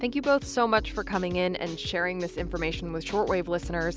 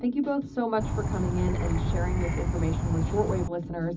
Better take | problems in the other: first | background sound (Insect); 2 dB above the speech // room echo; dies away in 0.4 s

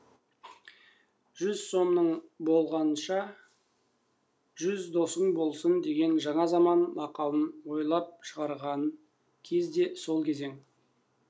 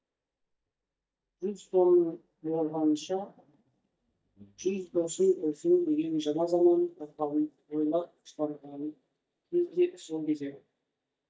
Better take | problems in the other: first | noise reduction (neural mask model DeepFilterNet 3)

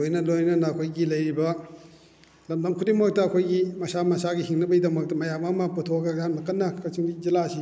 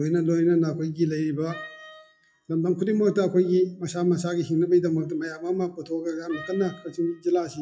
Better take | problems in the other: first | noise reduction (classical method WPE with log-MMSE)

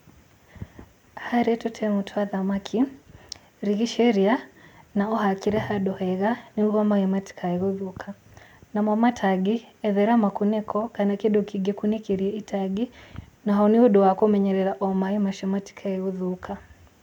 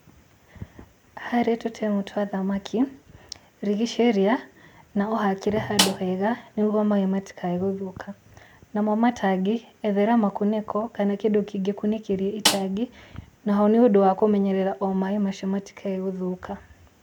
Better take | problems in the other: first | background sound (Snare drum); 4 dB below the speech

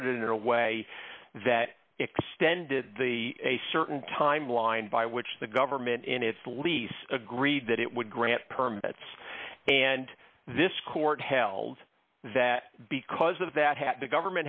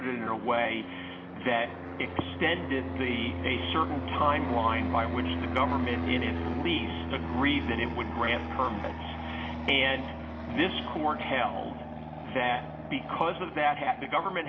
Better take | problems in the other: first | background sound (Fixed-wing aircraft, airplane); 4 dB below the speech // room echo; dies away in 1.3 s

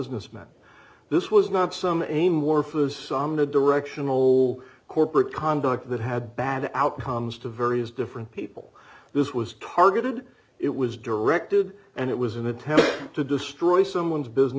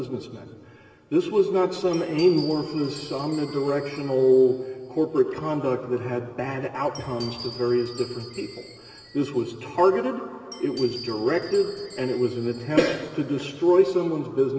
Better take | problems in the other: first | background sound (Glass); 19 dB below the speech // room echo; dies away in 2.5 s

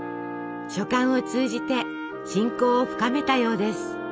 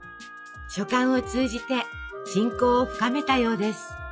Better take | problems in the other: first | noise reduction (classical method log-MMSE)

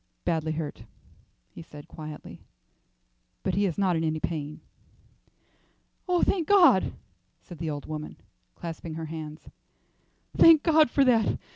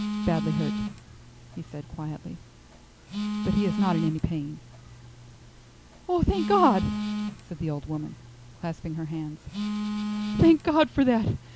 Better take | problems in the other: first | background sound (Telephone); 6 dB below the speech

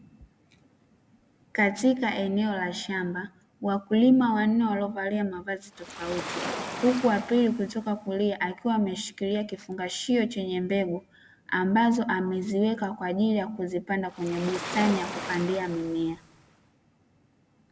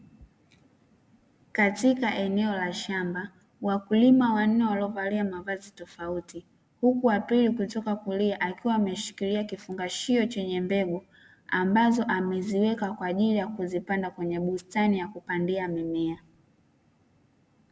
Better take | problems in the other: second | background sound (Waves, surf); 10 dB below the speech

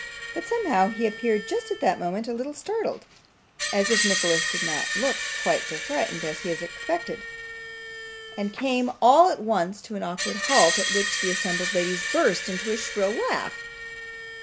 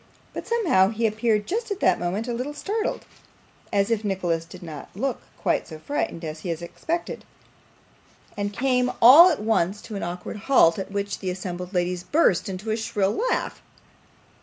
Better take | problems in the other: second | background sound (Screech); 5 dB below the speech

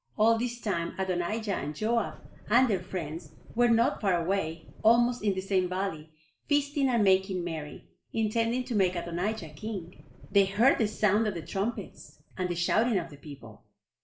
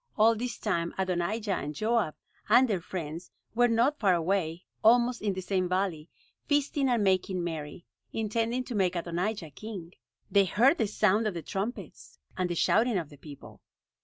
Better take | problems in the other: second | background sound (Engine starting / Car); 19 dB below the speech // room echo; dies away in 0.4 s

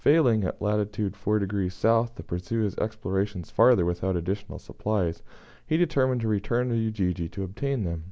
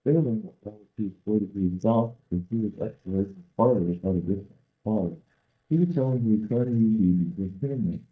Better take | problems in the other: first | noise reduction (neural mask model DeepFilterNet 3)

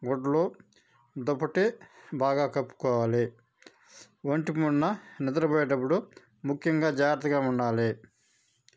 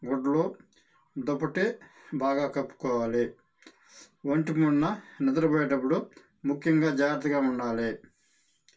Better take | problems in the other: first | room echo; dies away in 0.2 s

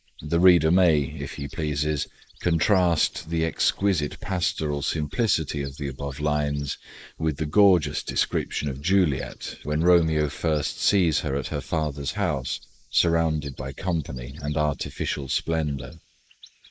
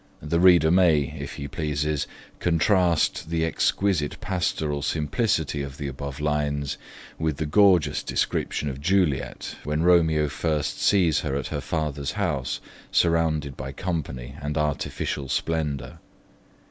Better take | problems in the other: second | noise reduction (neural mask model Resemble Enhance denoiser)

